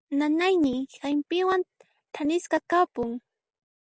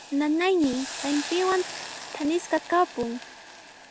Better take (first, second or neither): first